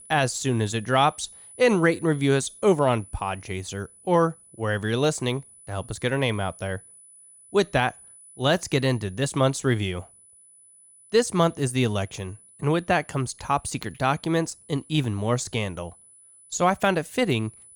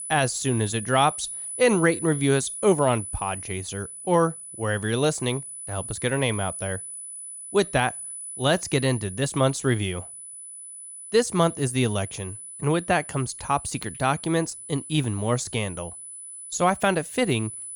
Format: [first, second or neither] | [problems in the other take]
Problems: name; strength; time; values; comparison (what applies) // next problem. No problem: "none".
first | high-pitched whine; loud; throughout; 10 kHz, 10 dB below the speech; faint in the first